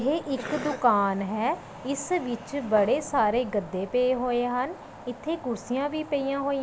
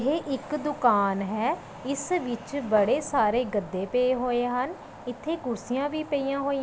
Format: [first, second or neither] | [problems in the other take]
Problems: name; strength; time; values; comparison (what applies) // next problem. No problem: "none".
second | background sound (Cough); 13 dB below the speech